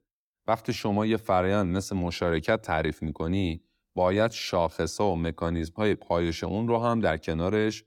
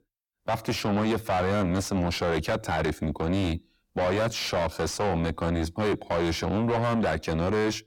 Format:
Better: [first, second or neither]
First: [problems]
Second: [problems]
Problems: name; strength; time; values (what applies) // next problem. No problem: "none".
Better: first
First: none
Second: distortion; heavy; 5 dB below the speech